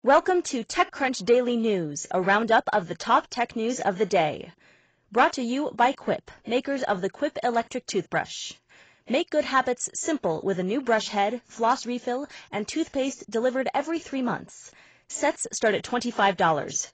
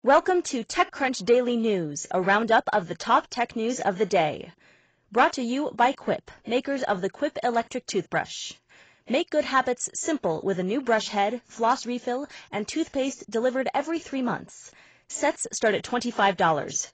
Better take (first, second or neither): neither